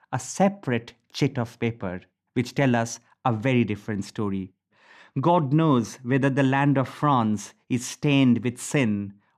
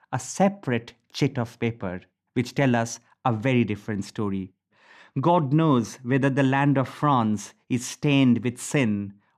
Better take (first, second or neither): neither